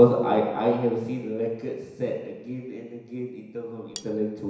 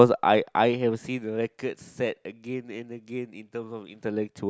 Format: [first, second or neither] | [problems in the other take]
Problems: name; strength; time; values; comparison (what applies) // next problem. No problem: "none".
second | background sound (Cutlery, silverware); 18 dB below the speech // room echo; dies away in 1 s